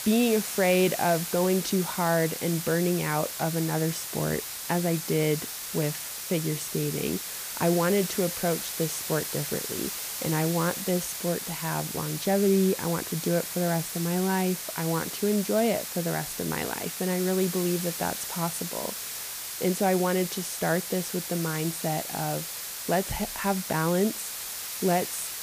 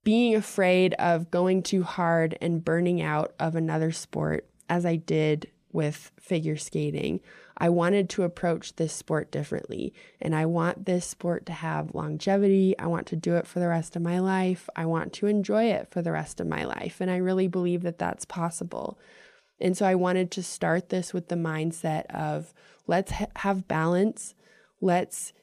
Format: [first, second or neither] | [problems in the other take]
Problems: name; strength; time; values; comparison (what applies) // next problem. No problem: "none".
second | hiss; loud; throughout; 5 dB below the speech